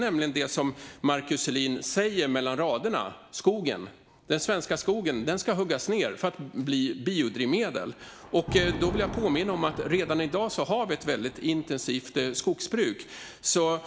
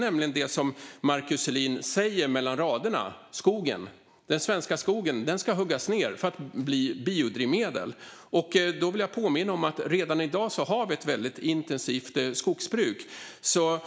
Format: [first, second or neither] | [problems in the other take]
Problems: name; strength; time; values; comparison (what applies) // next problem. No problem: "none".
second | background sound (Thunder); 16 dB below the speech